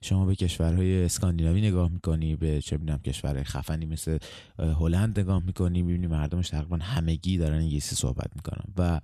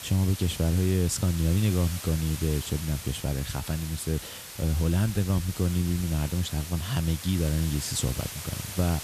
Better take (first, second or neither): first